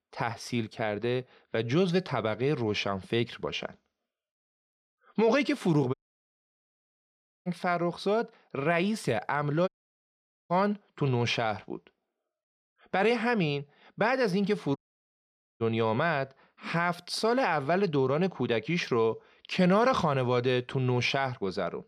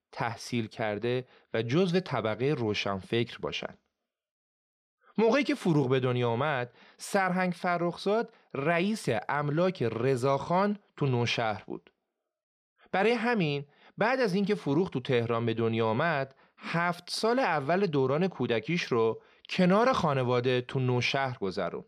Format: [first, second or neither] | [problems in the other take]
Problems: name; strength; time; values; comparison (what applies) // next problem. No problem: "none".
second | audio cutting out; at 6 s for 1.5 s, at 9.5 s for 1 s and at 15 s for 1 s